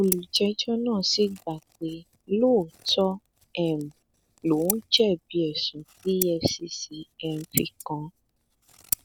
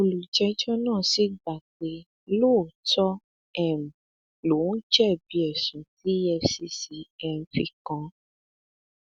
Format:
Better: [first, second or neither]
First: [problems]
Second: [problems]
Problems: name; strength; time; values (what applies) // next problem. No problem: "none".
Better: second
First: background sound (Scissors); 12 dB below the speech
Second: none